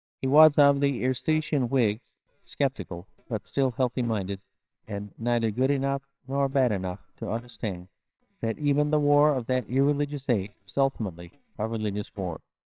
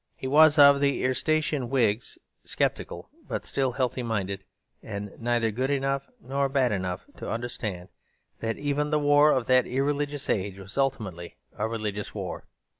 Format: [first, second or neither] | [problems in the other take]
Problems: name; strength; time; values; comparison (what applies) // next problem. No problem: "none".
second | noise reduction (neural separator model SepFormer WHAMR!)